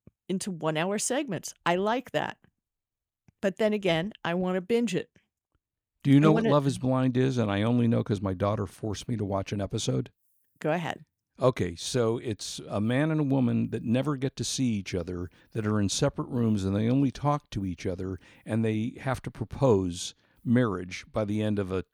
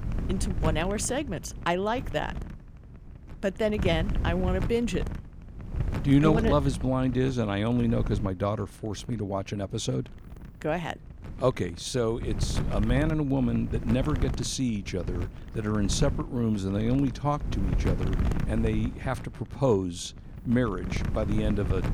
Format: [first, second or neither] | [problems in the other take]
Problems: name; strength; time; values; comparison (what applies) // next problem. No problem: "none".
first | wind noise on the microphone; occasional gusts; 10 dB below the speech